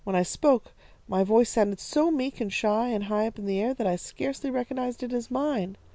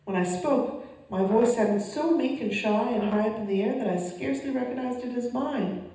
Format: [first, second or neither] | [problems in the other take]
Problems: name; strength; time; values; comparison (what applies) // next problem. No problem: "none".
first | background sound (Brass instrument); 17 dB below the speech // room echo; dies away in 0.9 s